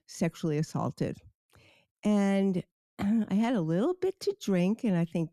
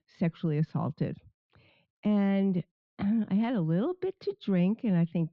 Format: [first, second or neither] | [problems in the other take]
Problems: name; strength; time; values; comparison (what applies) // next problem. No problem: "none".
first | muffled; slightly; fading above 4 kHz